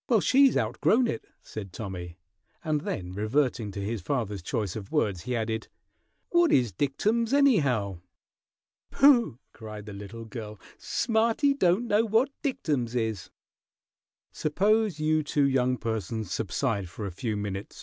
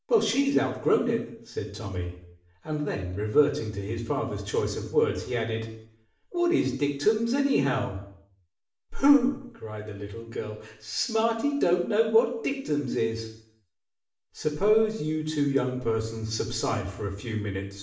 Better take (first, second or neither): first